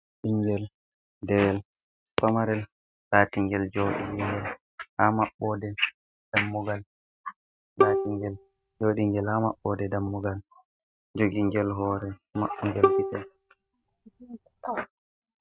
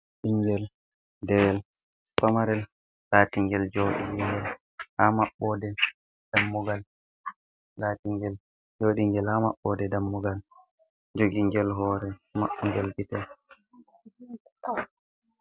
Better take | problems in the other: second | noise reduction (neural mask model RNNoise)

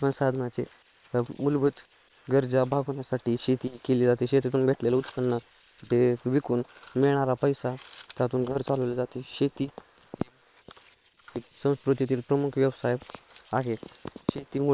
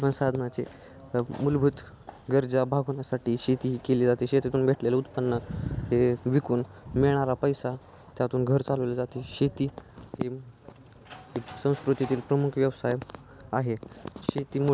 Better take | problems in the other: second | noise reduction (neural separator model SepFormer WHAM!)

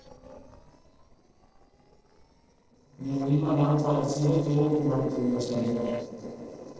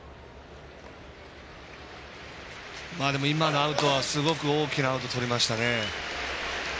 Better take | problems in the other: second | noise reduction (neural separator model SepFormer DNS4)

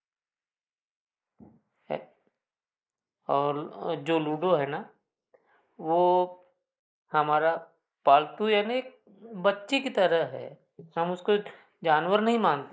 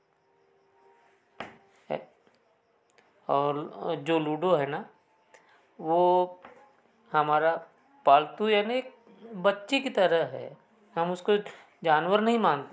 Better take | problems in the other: second | noise reduction (neural mask model Resemble Enhance denoiser)

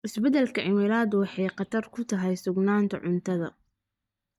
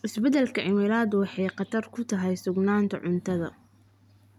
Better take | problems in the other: second | noise reduction (neural mask model DeepFilterNet 3)

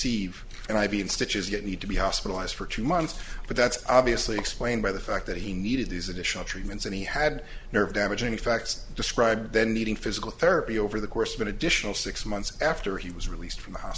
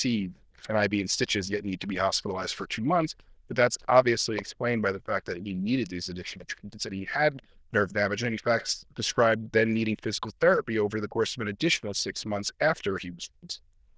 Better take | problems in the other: first | noise reduction (neural diffusion model UNIVERSE++)

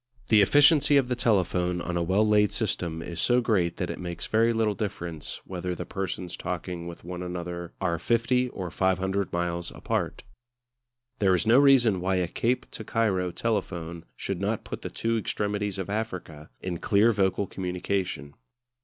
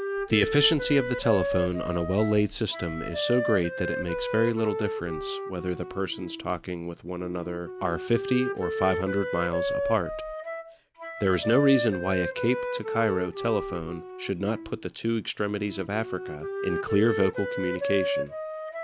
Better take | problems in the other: first | background sound (Wind instrument, woodwind instrument); 5 dB below the speech

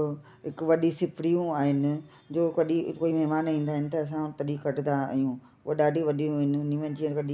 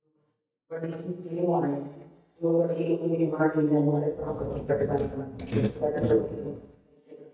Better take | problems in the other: first | noise reduction (neural mask model DeepFilterNet 3)

